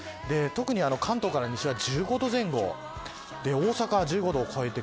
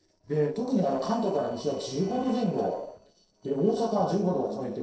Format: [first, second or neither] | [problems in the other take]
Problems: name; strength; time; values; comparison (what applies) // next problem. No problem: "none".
first | noise reduction (neural separator model SepFormer DNS4)